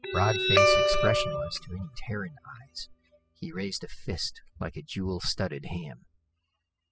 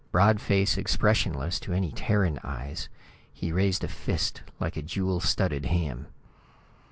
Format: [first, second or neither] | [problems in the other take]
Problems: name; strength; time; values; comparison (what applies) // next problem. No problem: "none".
second | noise reduction (classical method spectral subtraction)